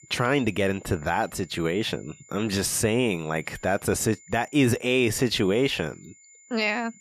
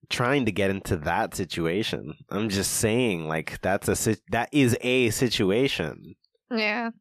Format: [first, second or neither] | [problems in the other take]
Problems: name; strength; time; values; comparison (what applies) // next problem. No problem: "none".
second | high-pitched whine; faint; throughout; 7 kHz, 25 dB below the speech